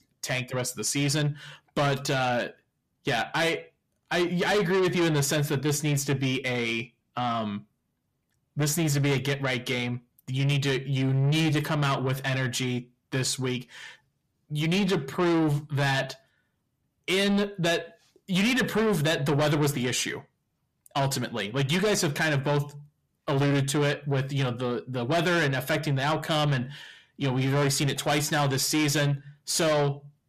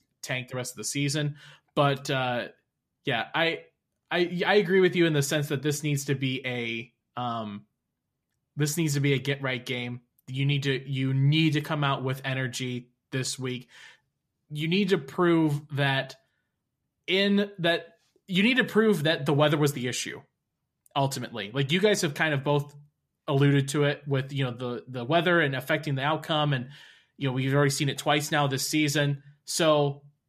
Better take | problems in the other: second | distortion; heavy; 8 dB below the speech

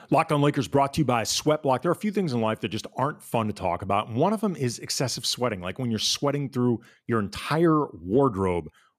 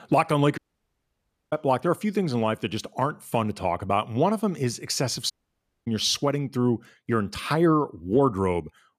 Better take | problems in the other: first | audio cutting out; at 0.5 s for 1 s and at 5.5 s for 0.5 s

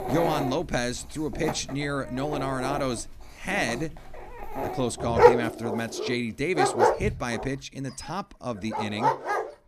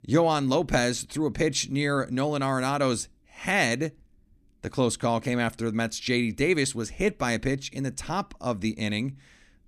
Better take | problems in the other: second | animal sounds; very loud; throughout; 3 dB above the speech

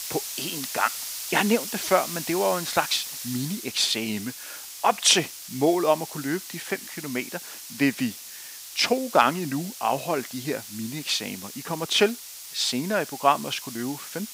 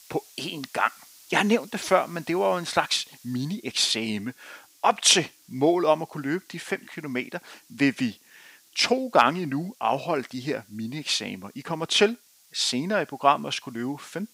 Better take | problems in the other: second | hiss; loud; throughout; 9 dB below the speech; faint in the second

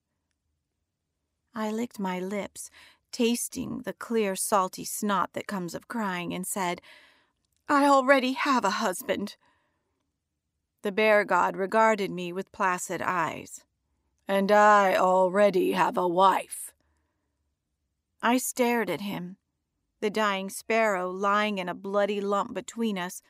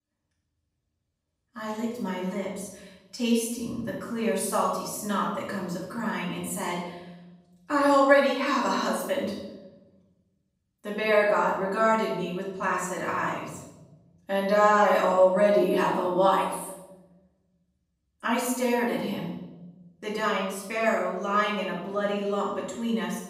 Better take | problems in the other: first | off-mic speech; far // room echo; noticeable; dies away in 0.9 s

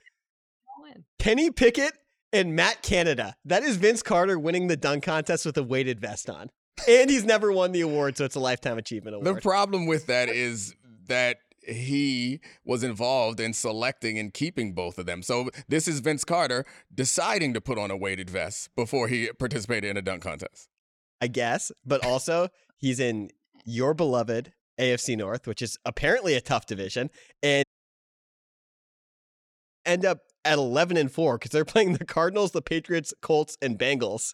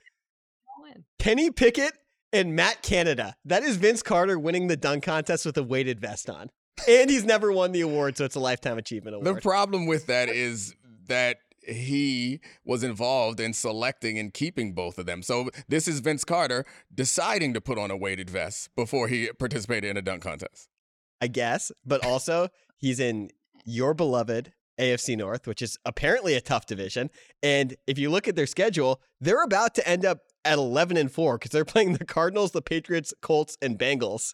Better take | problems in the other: second | audio cutting out; at 28 s for 2 s

